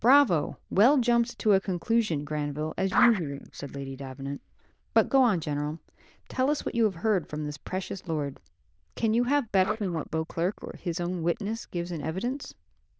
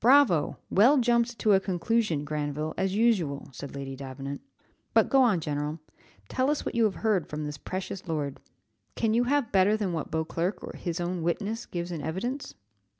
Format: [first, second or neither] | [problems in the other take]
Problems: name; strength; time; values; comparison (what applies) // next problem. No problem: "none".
second | noise reduction (neural diffusion model UNIVERSE++)